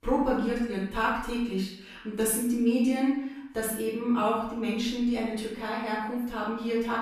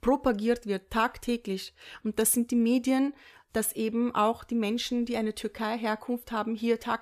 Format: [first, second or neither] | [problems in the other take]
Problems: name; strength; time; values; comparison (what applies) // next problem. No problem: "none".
second | room echo; noticeable; dies away in 0.7 s // off-mic speech; far